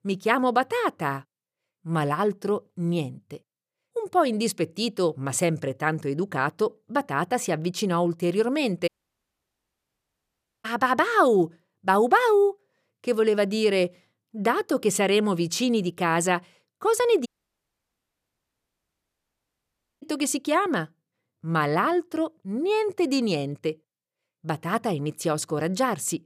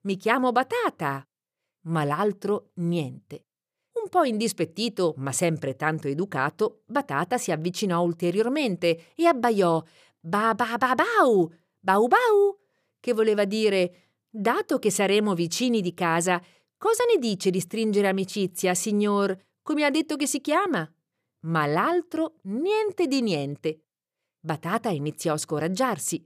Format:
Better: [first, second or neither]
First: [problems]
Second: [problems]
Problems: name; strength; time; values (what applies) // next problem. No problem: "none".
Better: second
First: audio cutting out; at 9 s for 2 s and at 17 s for 3 s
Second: none